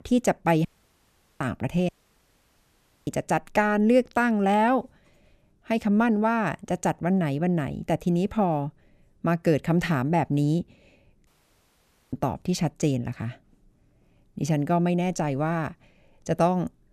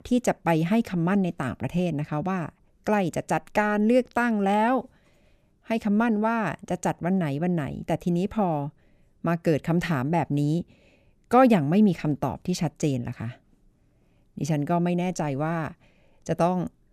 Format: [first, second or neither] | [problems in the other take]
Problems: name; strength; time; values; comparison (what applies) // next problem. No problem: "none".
second | audio cutting out; at 0.5 s for 0.5 s, at 2 s for 1 s and at 11 s for 1 s